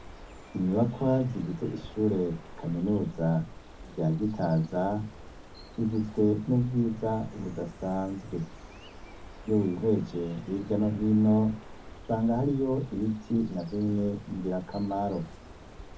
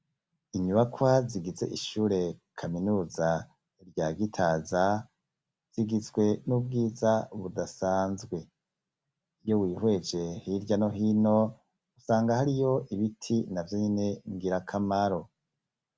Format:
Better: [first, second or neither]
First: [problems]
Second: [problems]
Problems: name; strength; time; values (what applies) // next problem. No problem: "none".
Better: second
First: background sound (Bird); 17 dB below the speech // room echo; dies away in 0.4 s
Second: none